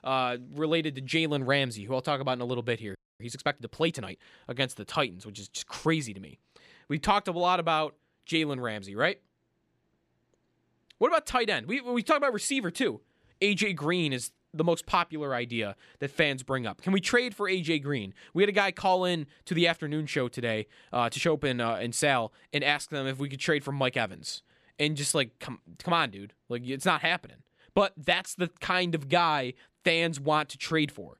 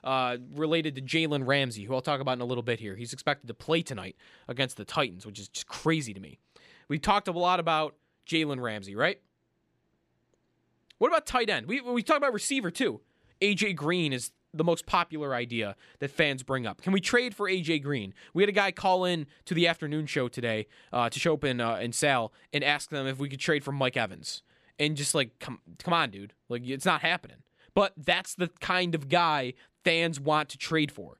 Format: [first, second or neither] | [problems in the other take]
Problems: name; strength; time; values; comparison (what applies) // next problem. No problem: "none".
second | audio freezing; at 3 s